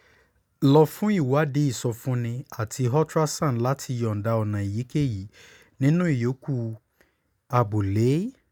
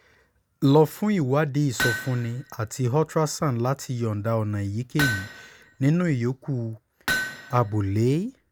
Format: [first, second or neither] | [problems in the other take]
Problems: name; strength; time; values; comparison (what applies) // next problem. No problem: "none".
first | background sound (Hammer); 8 dB below the speech